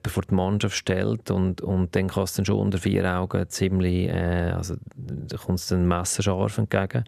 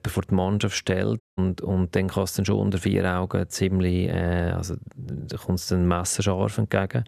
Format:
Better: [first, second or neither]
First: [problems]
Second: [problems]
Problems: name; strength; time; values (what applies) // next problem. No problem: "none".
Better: first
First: none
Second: audio cutting out; at 1 s